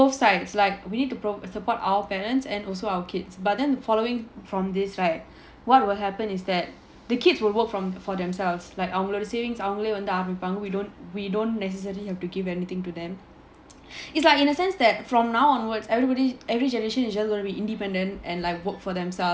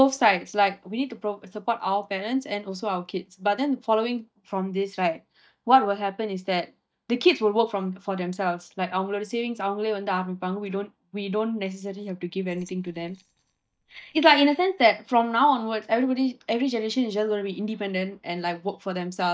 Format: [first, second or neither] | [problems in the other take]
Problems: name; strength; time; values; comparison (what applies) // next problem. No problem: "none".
first | noise reduction (neural mask model DeepFilterNet 3)